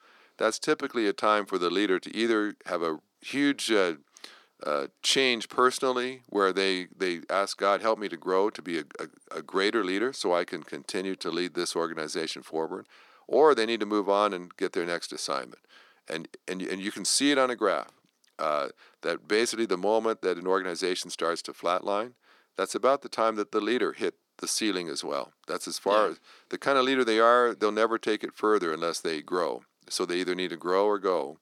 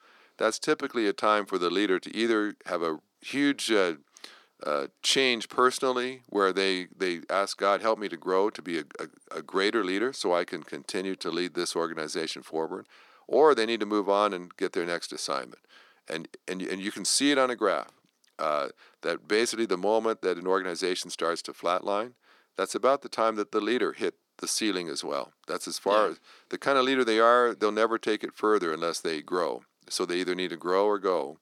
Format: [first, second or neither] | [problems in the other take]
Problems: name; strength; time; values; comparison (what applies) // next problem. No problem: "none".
neither | thin; very slightly; fading below 300 Hz; the same in both